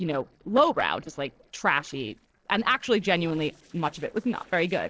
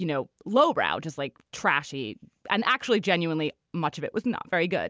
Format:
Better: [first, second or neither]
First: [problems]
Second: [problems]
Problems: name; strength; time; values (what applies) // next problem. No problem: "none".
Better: second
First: noise reduction (neural separator model SepFormer DNS4)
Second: none